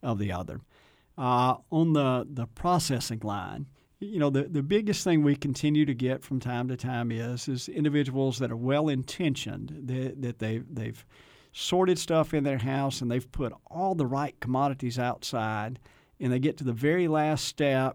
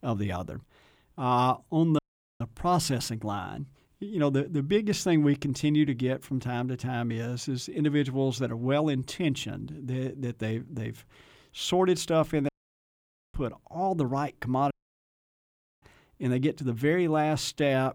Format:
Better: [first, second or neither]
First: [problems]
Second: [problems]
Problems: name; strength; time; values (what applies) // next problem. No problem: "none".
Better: first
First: none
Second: audio cutting out; at 2 s, at 12 s for 1 s and at 15 s for 1 s